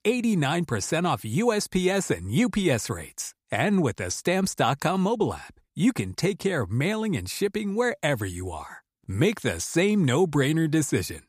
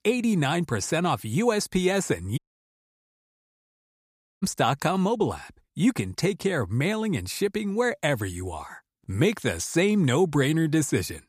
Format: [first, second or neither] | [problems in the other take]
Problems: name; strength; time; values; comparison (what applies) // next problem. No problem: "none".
first | audio cutting out; at 2.5 s for 2 s